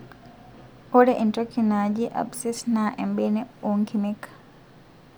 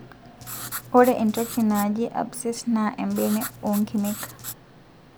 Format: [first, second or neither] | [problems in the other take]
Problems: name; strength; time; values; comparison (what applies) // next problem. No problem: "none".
first | background sound (Writing); 13 dB below the speech